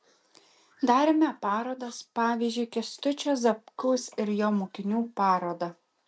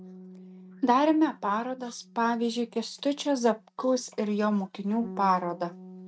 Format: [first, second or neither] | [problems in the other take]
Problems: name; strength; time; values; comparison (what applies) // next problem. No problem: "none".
first | noise reduction (neural mask model RNNoise)